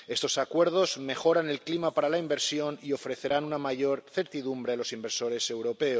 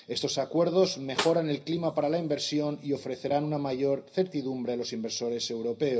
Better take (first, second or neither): first